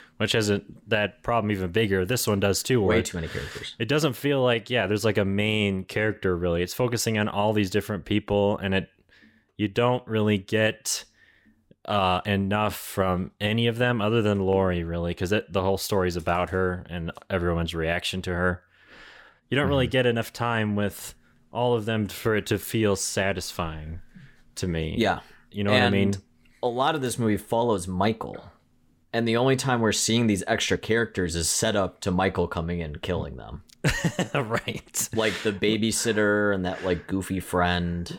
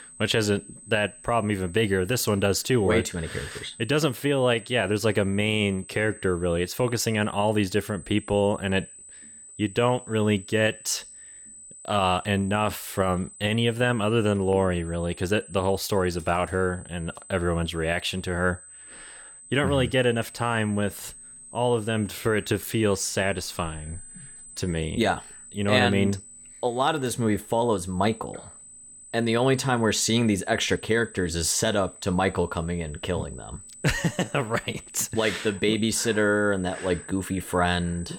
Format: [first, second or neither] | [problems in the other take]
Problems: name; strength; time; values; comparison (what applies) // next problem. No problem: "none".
first | high-pitched whine; noticeable; throughout; 8 kHz, 20 dB below the speech